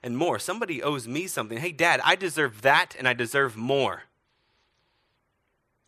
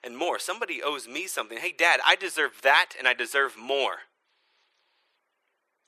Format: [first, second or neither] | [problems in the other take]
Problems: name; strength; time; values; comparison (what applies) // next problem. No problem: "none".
first | thin; somewhat; fading below 400 Hz